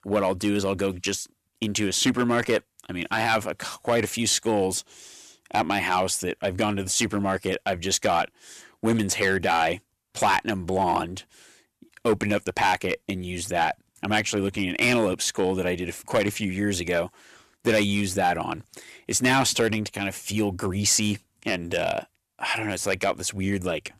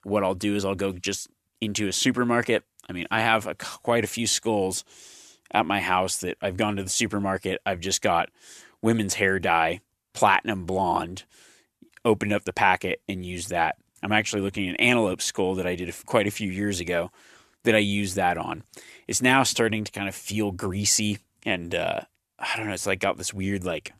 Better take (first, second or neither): second